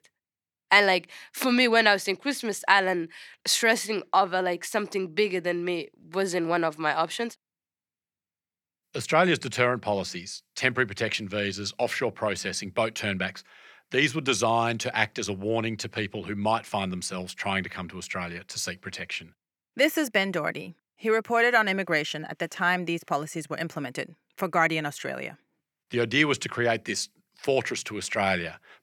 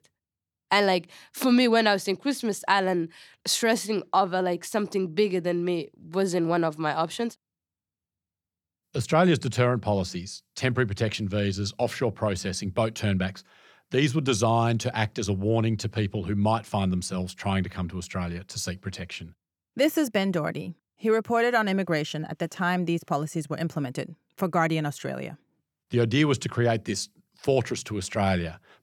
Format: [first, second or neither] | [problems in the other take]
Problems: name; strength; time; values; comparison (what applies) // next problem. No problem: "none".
second | thin; very slightly; fading below 750 Hz